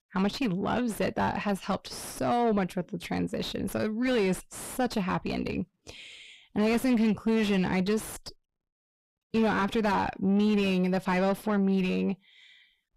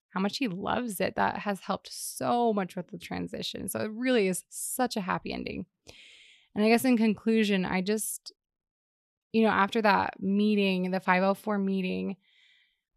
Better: second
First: distortion; heavy; 6 dB below the speech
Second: none

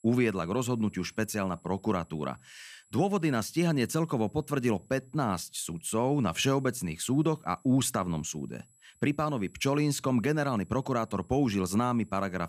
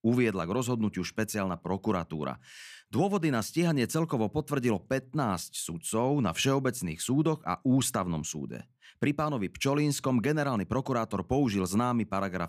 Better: second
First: high-pitched whine; faint; throughout; 8 kHz, 30 dB below the speech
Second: none

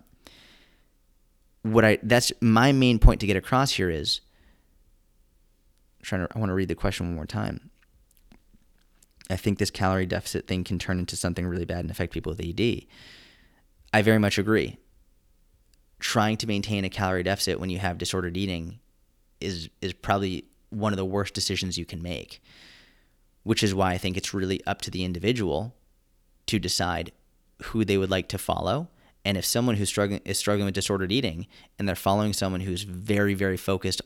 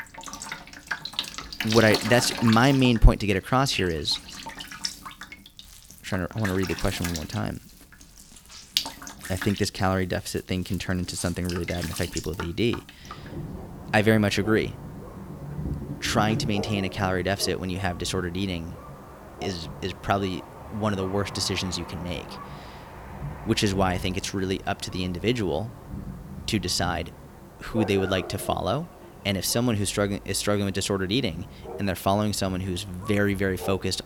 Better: first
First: none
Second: rain or running water; noticeable; throughout; 10 dB below the speech

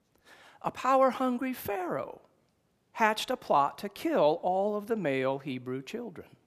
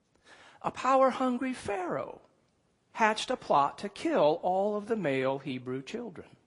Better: first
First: none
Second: garbled, watery; slightly; nothing above 10.5 kHz

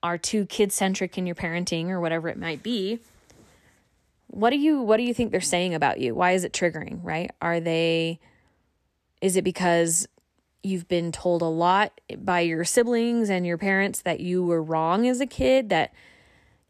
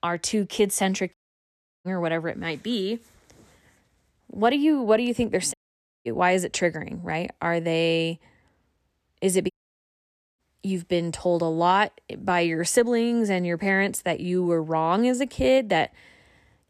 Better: first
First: none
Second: audio cutting out; at 1 s for 0.5 s, at 5.5 s for 0.5 s and at 9.5 s for 1 s

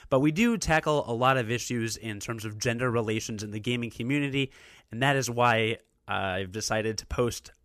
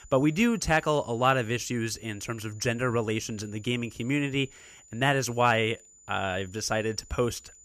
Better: first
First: none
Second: high-pitched whine; faint; throughout; 7 kHz, 25 dB below the speech

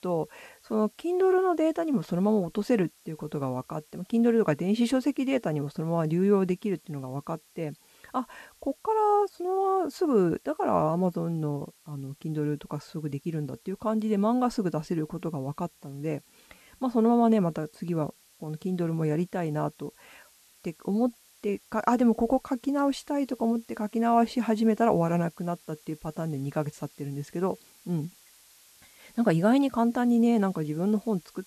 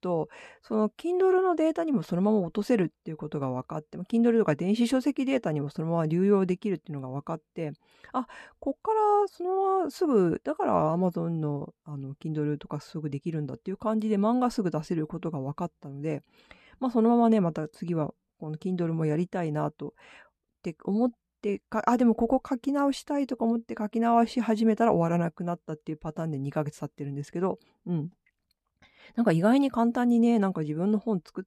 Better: second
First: hiss; faint; throughout; 30 dB below the speech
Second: none

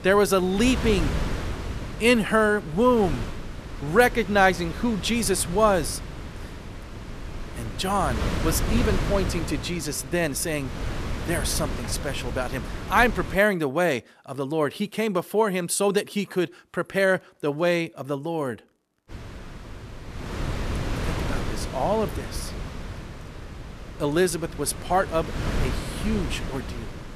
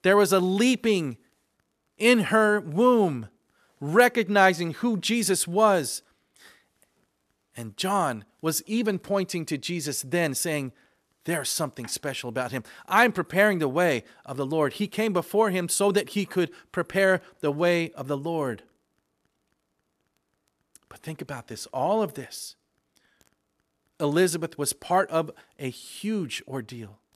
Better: second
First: wind noise on the microphone; occasional gusts; until 13 s and from 19 s on; 10 dB below the speech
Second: none

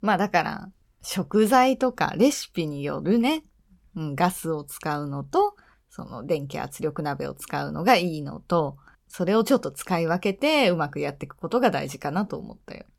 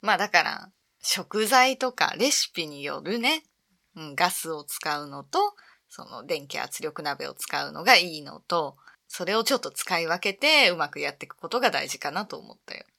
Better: first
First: none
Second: thin; somewhat; fading below 1 kHz

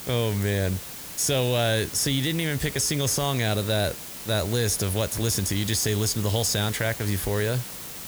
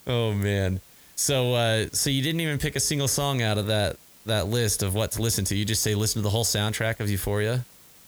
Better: second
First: hiss; loud; throughout; 10 dB below the speech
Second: hiss; faint; throughout; 25 dB below the speech

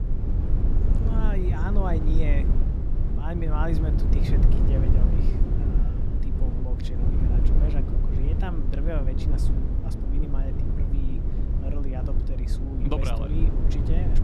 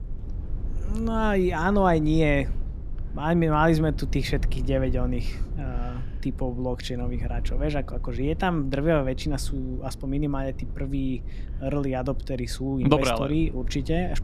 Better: second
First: low rumble; loud; throughout; 1 dB below the speech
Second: low rumble; faint; throughout; 20 dB below the speech

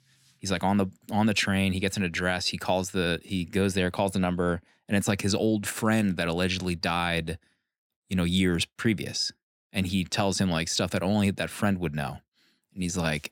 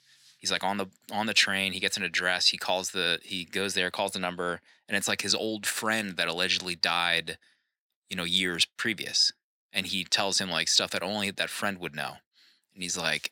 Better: first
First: none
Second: thin; somewhat; fading below 800 Hz

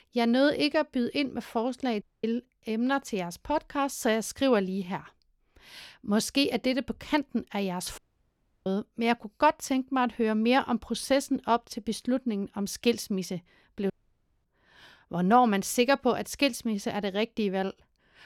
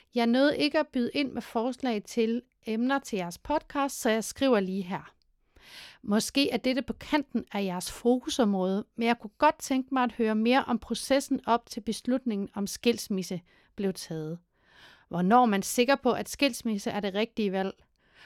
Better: second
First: audio cutting out; at 2 s, at 8 s for 0.5 s and at 14 s for 0.5 s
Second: none

